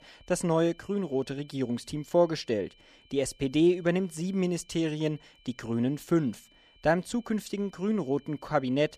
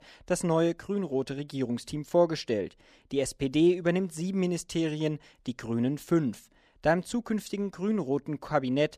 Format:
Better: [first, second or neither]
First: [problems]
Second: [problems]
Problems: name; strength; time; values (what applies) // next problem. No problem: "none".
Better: second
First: high-pitched whine; faint; throughout; 3 kHz, 30 dB below the speech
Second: none